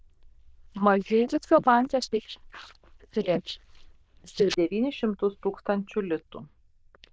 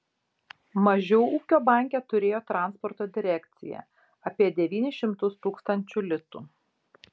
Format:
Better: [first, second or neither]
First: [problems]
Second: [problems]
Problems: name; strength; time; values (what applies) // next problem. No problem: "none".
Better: second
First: noise reduction (neural diffusion model UNIVERSE++)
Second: none